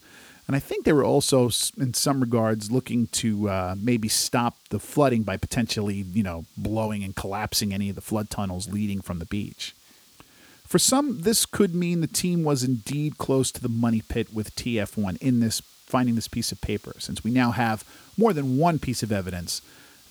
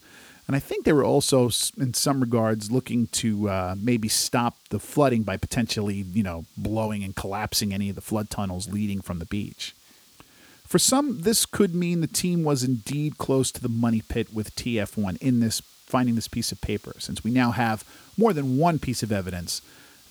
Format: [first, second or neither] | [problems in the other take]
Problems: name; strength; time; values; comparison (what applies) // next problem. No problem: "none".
neither | hiss; faint; throughout; 30 dB below the speech; the same in both